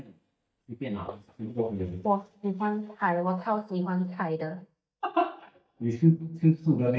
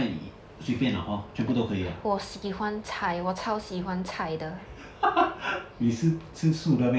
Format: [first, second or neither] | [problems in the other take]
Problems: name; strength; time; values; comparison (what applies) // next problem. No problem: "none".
second | noise reduction (neural mask model DeepFilterNet 3)